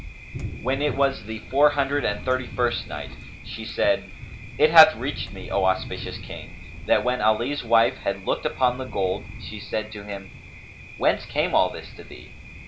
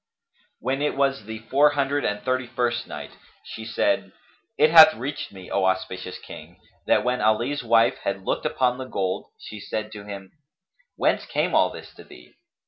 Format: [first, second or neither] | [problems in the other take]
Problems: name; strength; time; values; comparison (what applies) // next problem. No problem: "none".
second | background sound (Thunder); 12 dB below the speech